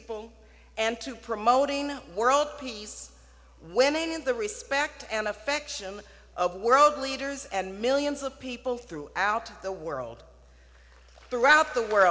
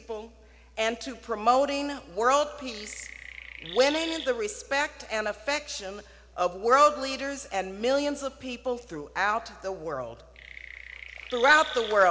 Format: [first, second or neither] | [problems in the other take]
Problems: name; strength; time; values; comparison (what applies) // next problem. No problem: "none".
first | background sound (Chirp, tweet); 13 dB below the speech